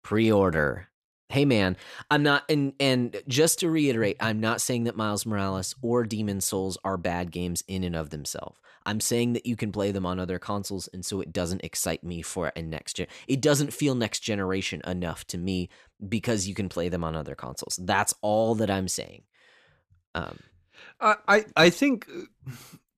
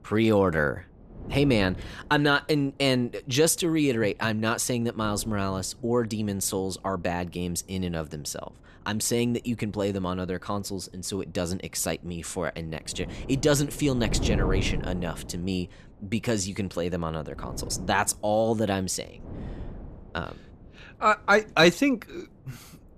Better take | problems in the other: first | wind noise on the microphone; occasional gusts; 15 dB below the speech

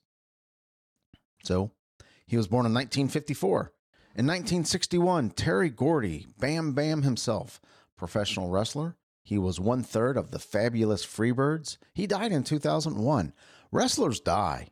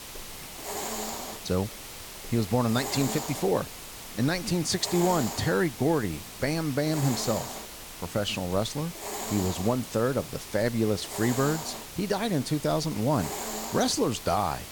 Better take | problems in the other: first | hiss; loud; throughout; 8 dB below the speech

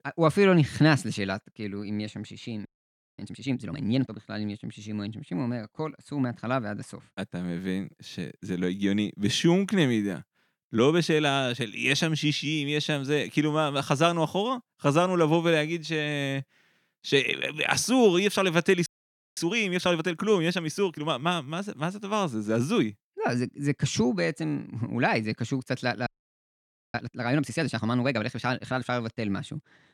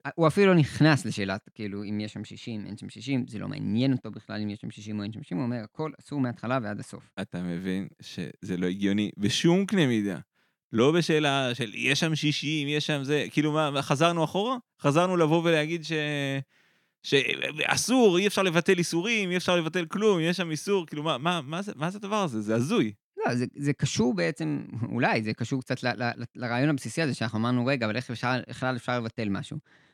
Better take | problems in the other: second | audio freezing; at 2.5 s for 0.5 s, at 19 s for 0.5 s and at 26 s for 1 s

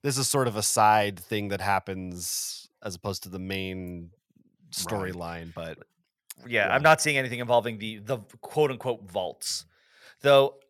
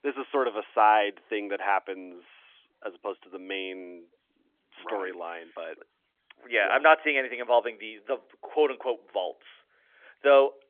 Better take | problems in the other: first | phone-call audio; nothing above 3.5 kHz

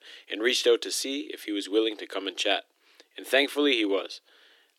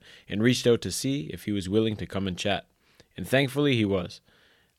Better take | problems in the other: second | thin; somewhat; fading below 300 Hz

